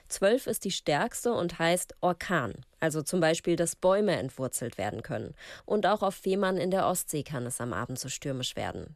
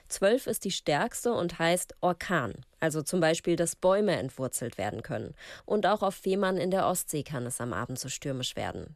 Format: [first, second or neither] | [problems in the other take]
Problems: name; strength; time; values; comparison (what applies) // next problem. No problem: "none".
neither | none